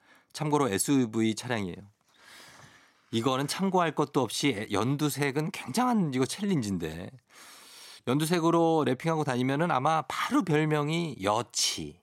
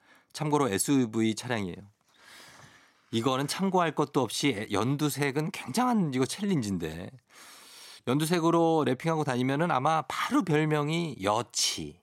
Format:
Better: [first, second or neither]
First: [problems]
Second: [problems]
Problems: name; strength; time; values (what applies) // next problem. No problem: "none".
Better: neither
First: none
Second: none